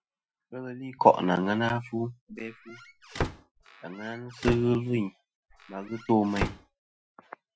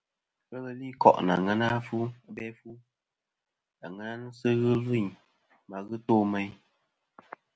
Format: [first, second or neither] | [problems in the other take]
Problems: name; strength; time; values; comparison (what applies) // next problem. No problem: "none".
second | noise reduction (classical method Wiener filter)